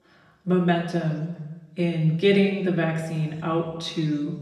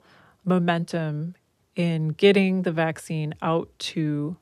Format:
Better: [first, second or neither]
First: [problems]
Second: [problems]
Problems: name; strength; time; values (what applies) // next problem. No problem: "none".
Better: second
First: room echo; noticeable; dies away in 1.1 s // off-mic speech; far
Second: none